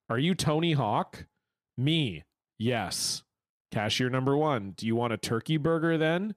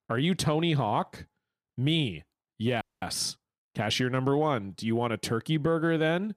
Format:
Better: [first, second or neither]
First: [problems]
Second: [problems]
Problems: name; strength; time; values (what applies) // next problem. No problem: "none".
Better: first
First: none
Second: audio freezing; at 3 s